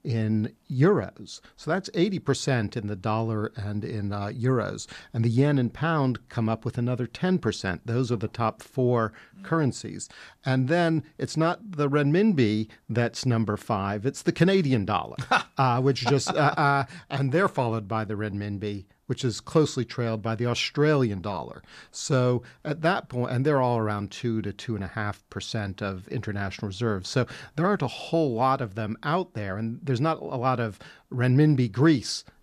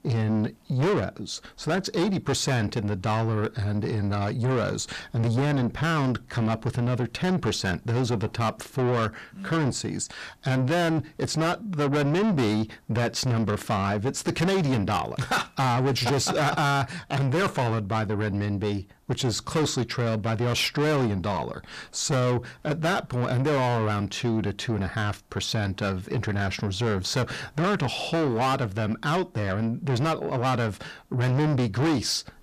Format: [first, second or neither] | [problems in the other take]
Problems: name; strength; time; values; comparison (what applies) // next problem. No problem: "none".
first | distortion; heavy; 7 dB below the speech